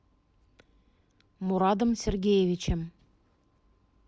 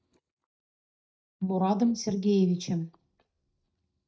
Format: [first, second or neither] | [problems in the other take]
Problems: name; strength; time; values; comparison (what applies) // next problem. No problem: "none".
first | noise reduction (neural mask model DeepFilterNet 3)